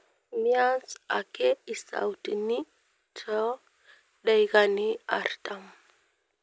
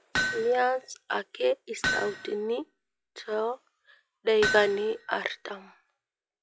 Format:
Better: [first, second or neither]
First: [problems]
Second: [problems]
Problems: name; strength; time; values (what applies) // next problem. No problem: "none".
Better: first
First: none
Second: noise reduction (classical method log-MMSE)